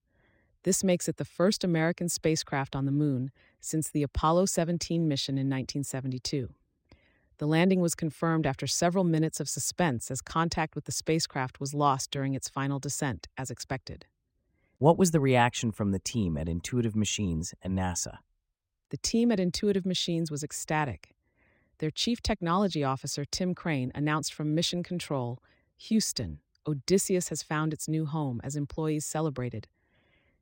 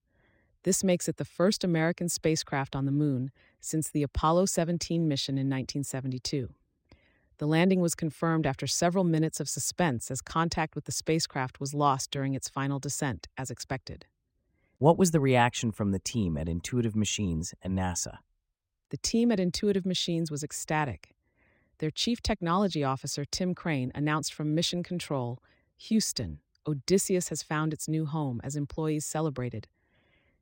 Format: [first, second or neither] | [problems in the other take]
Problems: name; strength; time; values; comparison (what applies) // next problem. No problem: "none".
neither | none